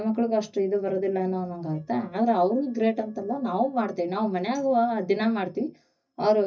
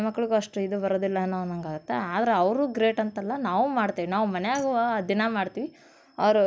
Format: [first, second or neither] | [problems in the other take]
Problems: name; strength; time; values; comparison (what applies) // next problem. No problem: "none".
second | noise reduction (neural mask model DeepFilterNet 3)